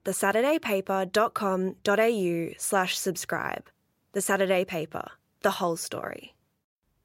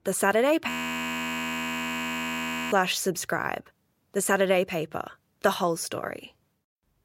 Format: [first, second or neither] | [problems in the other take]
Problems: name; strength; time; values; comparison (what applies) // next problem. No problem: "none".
first | audio freezing; at 0.5 s for 2 s